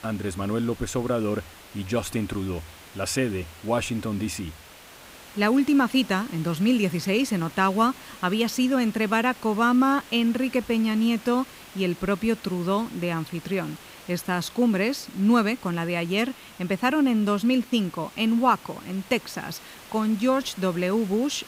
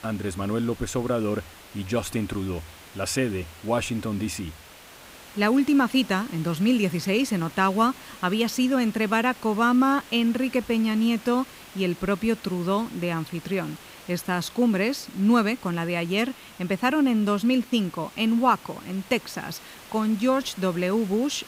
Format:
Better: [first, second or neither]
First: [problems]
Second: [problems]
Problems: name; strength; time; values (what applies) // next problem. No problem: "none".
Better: neither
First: hiss; noticeable; throughout; 20 dB below the speech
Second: hiss; noticeable; throughout; 20 dB below the speech